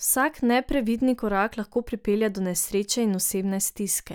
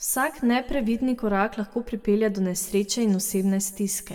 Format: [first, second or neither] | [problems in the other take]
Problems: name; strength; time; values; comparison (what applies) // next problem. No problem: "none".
first | room echo; dies away in 0.7 s